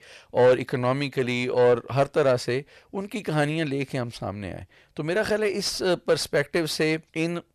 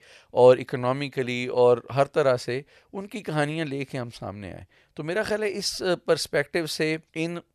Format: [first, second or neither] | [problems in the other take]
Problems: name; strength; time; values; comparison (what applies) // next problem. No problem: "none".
second | distortion; slight; 10 dB below the speech